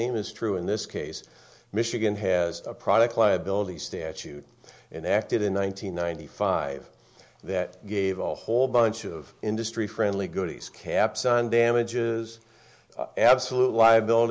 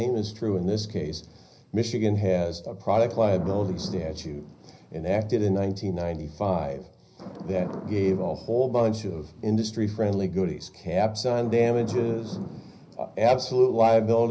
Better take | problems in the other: first | background sound (Thunder / Rain); 16 dB below the speech // room echo; dies away in 0.4 s

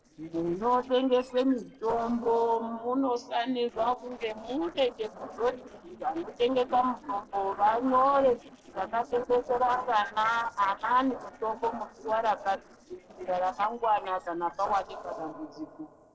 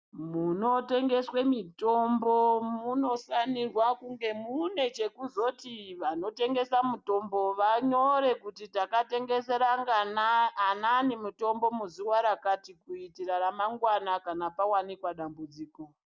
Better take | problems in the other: second | noise reduction (neural separator model SepFormer DNS4)

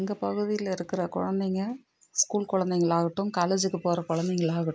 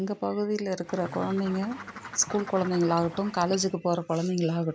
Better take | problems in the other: first | background sound (Bird); 14 dB below the speech

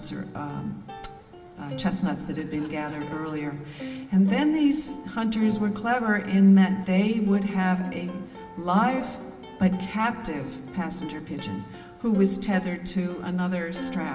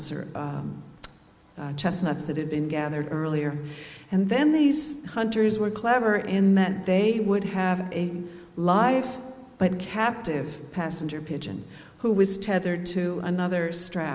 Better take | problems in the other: second | background sound (Plucked string instrument); 16 dB below the speech // room echo; dies away in 1.7 s

